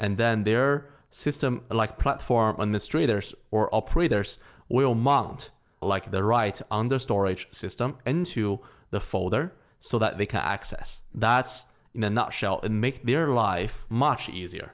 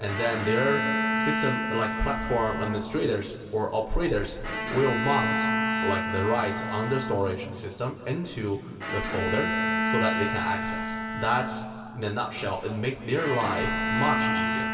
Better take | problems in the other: first | background sound (Bowed string instrument); 1 dB below the speech // room echo; dies away in 2.4 s

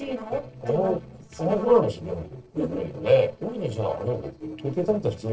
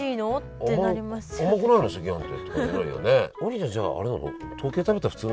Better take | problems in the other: second | noise reduction (neural separator model SepFormer DNS4)

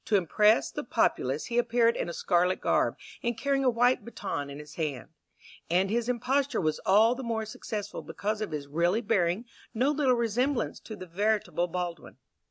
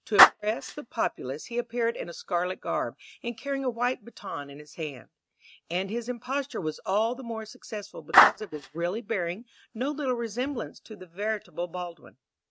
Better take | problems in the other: first | noise reduction (neural mask model RNNoise)

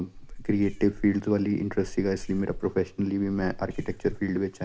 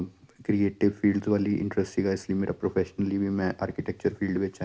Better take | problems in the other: second | background sound (Meow); 13 dB below the speech

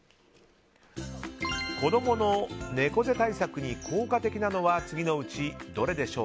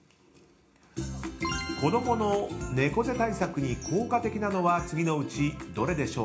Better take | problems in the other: first | room echo; dies away in 0.4 s

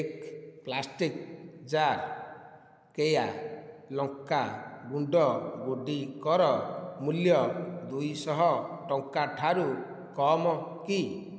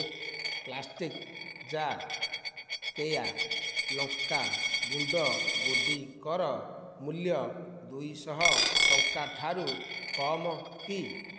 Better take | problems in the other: first | background sound (Coin (dropping)); 3 dB above the speech

